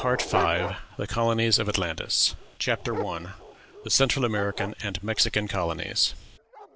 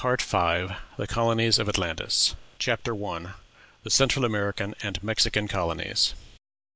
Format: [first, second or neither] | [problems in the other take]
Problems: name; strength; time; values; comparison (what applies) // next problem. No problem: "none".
second | background sound (Dog); 11 dB below the speech